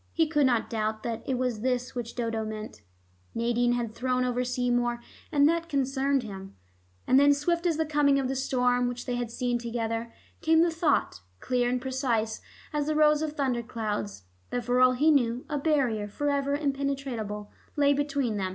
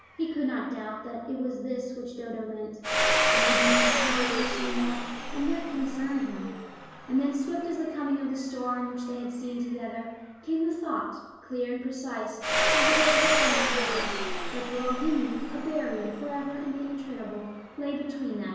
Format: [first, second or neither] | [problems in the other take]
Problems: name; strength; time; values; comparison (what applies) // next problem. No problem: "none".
first | background sound (Domestic sounds, home sounds); 1 dB above the speech // room echo; dies away in 1.2 s